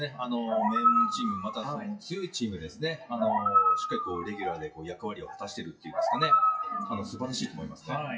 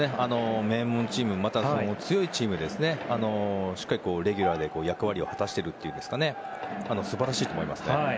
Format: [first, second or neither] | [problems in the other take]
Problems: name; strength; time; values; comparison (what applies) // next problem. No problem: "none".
second | noise reduction (classical method WPE with log-MMSE)